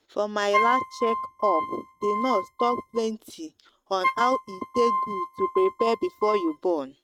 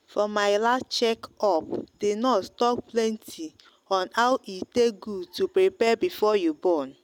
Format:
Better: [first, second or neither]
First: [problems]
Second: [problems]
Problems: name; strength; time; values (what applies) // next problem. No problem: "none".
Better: second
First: noise reduction (neural mask model RNNoise)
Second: none